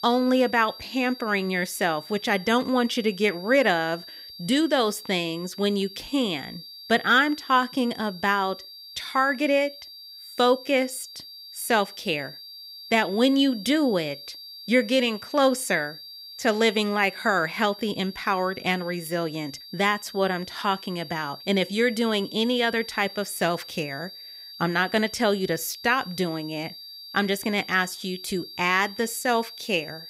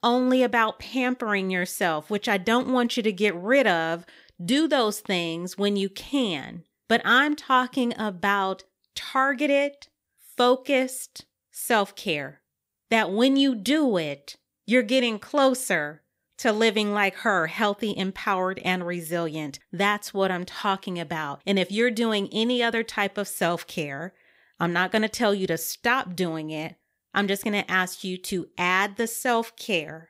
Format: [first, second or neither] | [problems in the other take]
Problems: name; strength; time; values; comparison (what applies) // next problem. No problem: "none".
second | high-pitched whine; noticeable; throughout; 4.5 kHz, 15 dB below the speech